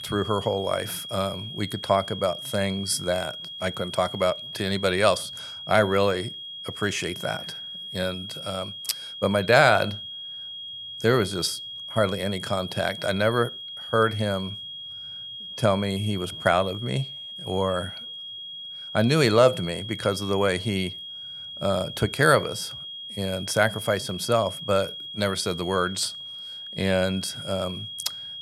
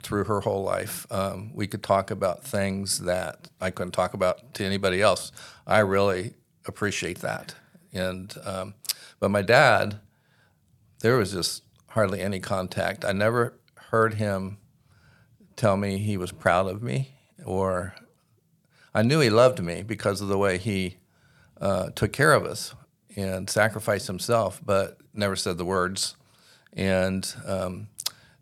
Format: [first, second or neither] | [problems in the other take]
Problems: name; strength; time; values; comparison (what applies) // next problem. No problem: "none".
second | high-pitched whine; loud; throughout; 3.5 kHz, 9 dB below the speech